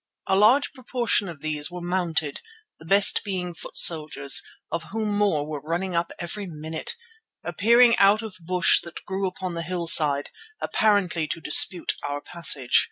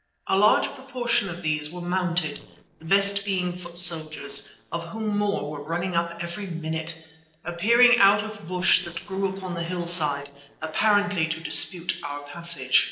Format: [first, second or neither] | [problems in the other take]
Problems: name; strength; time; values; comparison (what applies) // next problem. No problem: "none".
first | noise reduction (neural separator model SepFormer DNS4)